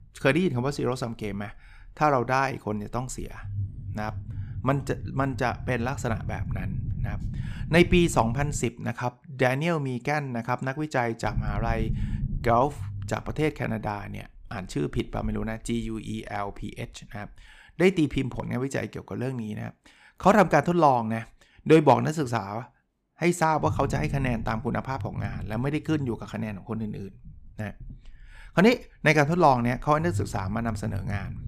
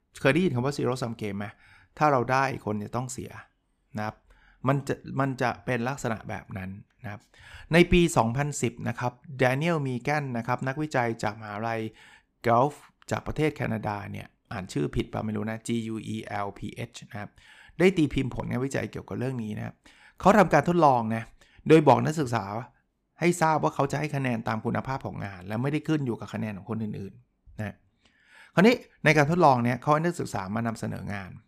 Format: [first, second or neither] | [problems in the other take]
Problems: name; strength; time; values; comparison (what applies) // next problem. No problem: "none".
second | low rumble; faint; until 8.5 s, from 11 to 18 s and from 24 s on; 20 dB below the speech